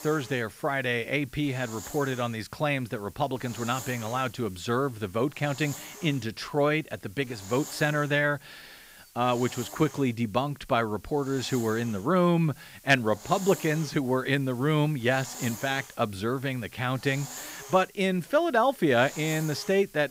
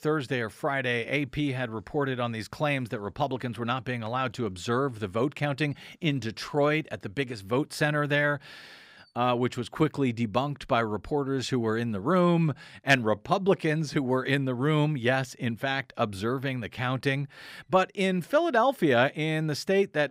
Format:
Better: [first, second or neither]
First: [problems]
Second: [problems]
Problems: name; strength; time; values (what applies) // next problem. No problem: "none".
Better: second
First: hiss; noticeable; throughout; 15 dB below the speech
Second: none